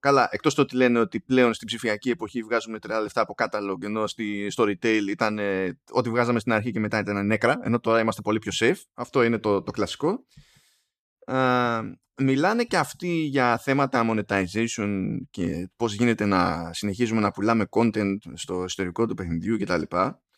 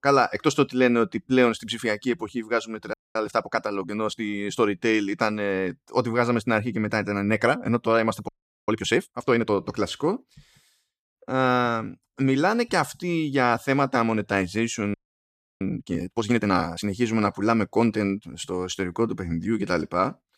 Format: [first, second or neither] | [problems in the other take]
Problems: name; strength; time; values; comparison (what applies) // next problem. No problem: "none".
first | audio freezing; at 3 s, at 8.5 s and at 15 s for 0.5 s